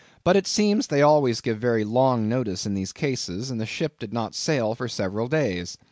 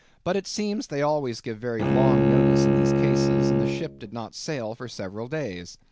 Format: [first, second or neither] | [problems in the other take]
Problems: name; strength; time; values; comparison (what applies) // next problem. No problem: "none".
first | background sound (Bowed string instrument); 5 dB above the speech